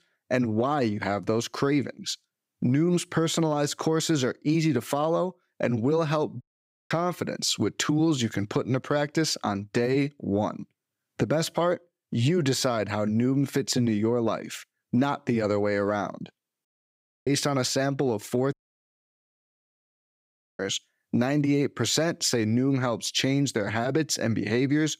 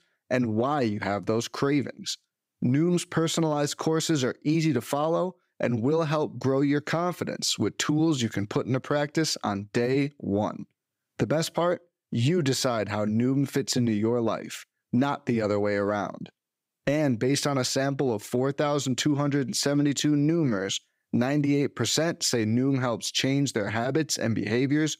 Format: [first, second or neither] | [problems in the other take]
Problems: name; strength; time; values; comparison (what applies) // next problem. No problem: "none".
second | audio cutting out; at 6.5 s, at 17 s for 0.5 s and at 19 s for 2 s